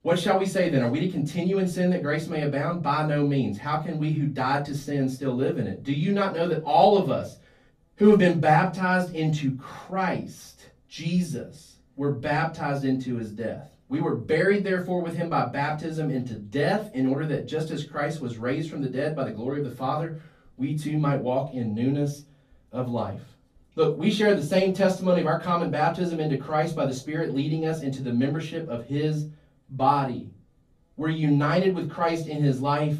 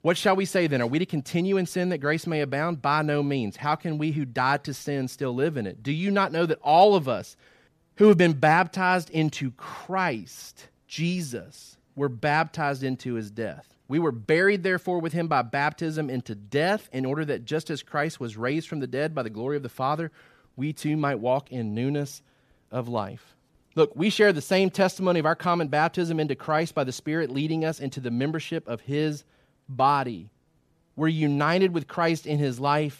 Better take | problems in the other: second | off-mic speech; far // room echo; very slight; dies away in 0.3 s

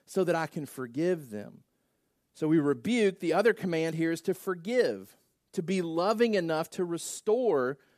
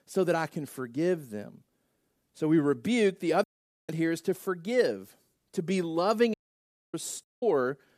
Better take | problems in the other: first | audio cutting out; at 3.5 s, at 6.5 s for 0.5 s and at 7 s

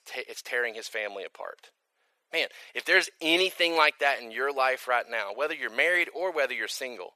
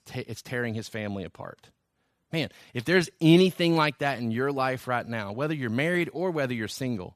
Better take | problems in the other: second | thin; very; fading below 500 Hz

